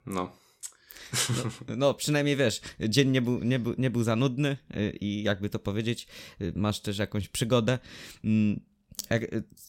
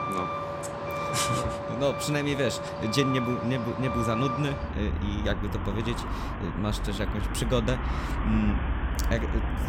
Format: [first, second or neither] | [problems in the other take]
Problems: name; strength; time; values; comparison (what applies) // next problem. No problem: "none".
first | traffic noise; loud; throughout; 2 dB below the speech